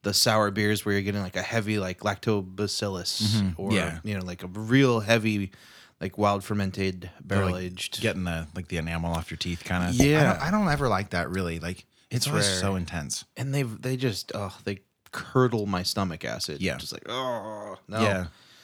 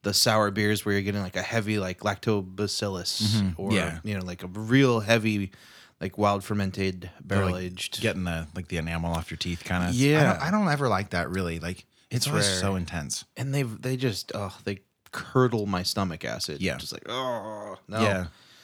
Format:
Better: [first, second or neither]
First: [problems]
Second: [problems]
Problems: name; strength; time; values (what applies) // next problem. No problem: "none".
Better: second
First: clattering dishes; noticeable; at 10 s; peak 2 dB below the speech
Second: none